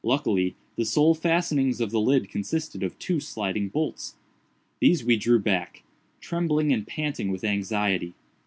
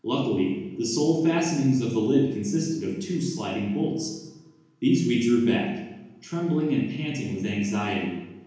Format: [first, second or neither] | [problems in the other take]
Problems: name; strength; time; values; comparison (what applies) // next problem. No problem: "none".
first | room echo; dies away in 1 s